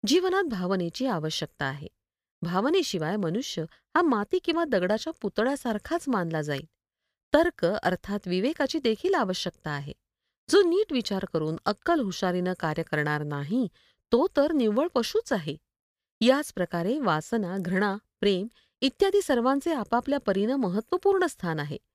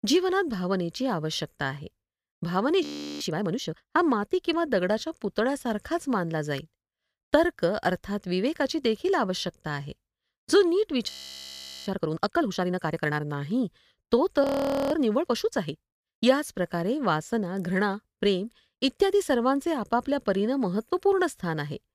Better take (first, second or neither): first